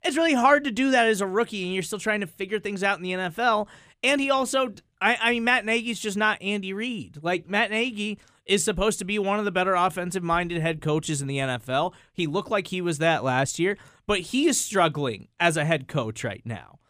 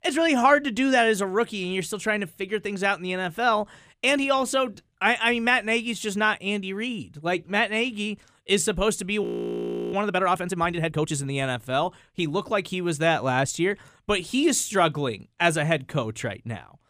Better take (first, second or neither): first